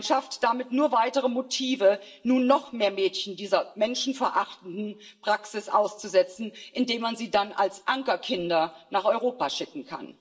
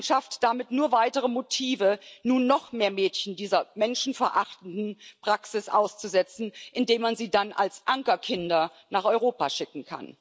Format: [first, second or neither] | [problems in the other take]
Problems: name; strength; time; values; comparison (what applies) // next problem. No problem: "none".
second | room echo; dies away in 0.4 s